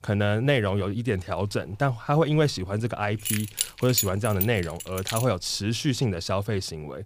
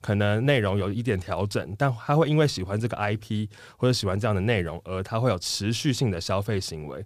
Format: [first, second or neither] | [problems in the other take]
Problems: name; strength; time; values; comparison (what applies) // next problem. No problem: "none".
second | jangling keys; loud; from 3.5 to 5 s; peak level with the speech